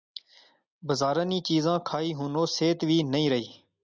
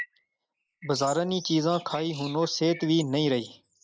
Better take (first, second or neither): first